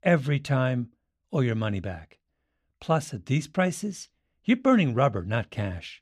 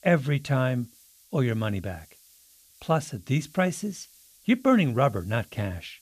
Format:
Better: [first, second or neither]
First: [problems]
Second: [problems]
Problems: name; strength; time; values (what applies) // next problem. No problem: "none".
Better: first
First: none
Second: hiss; faint; throughout; 25 dB below the speech